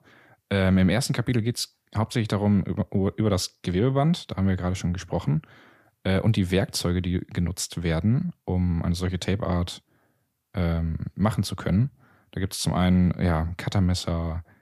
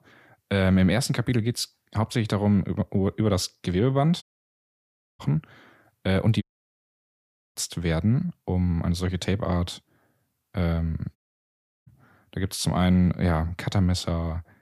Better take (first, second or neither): first